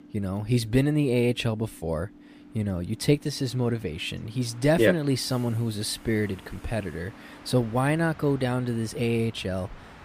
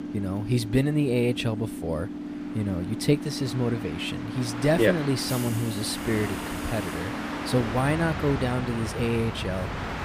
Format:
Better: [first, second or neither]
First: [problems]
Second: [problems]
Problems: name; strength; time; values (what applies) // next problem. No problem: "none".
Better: first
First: train or aircraft noise; faint; throughout; 20 dB below the speech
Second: train or aircraft noise; loud; throughout; 6 dB below the speech